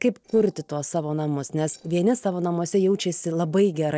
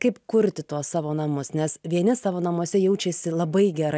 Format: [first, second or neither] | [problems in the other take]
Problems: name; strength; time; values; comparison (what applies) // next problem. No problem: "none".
second | noise reduction (neural separator model SepFormer DNS4)